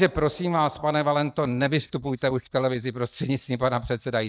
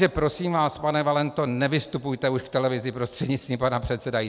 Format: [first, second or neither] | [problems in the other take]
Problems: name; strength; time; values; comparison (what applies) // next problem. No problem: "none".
second | noise reduction (neural mask model DeepFilterNet 3)